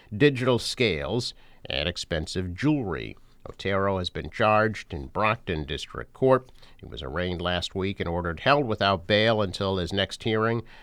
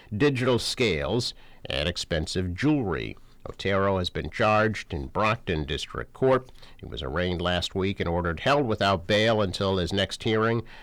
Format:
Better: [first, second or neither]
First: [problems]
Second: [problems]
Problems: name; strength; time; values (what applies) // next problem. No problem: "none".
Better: first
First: none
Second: distortion; slight; 10 dB below the speech